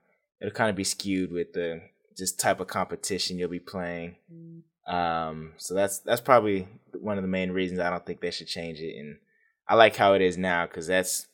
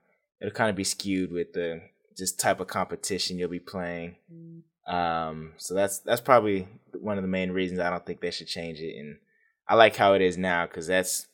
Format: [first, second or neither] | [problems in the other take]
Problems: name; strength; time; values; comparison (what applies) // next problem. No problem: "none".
neither | none